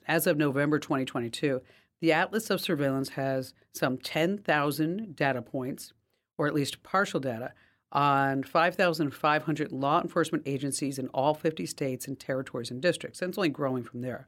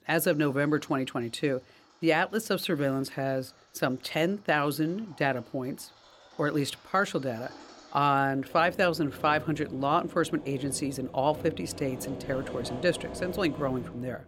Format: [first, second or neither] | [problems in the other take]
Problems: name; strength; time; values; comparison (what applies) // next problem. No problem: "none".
first | machinery noise; noticeable; throughout; 15 dB below the speech